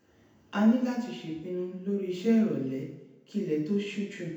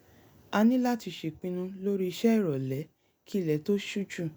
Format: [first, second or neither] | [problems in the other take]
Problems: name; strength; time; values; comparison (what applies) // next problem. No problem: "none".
second | room echo; dies away in 0.9 s